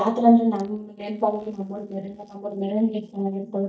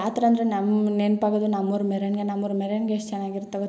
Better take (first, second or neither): second